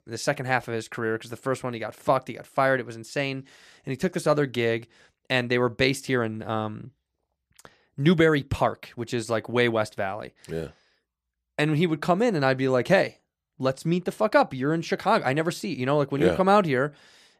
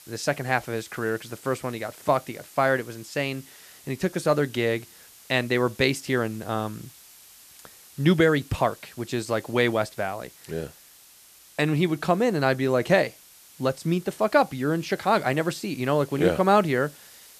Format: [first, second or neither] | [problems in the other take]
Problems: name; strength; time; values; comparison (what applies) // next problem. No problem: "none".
first | hiss; faint; throughout; 20 dB below the speech